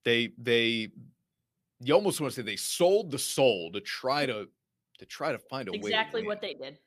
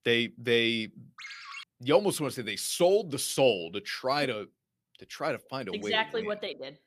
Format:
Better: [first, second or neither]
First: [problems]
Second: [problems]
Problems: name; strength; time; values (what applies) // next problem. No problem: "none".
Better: first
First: none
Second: phone ringing; faint; at 1 s; peak 10 dB below the speech